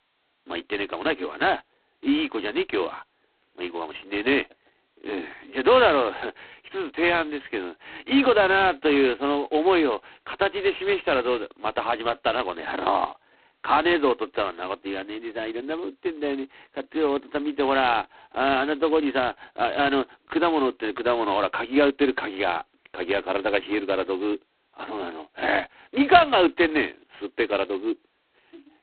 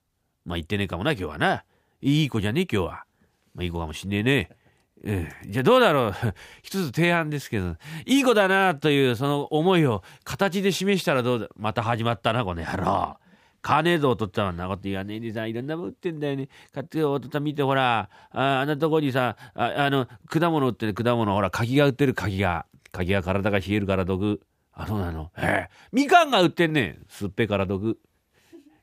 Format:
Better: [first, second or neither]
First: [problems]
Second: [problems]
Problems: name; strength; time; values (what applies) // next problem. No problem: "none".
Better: second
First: phone-call audio; poor line; nothing above 4 kHz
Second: none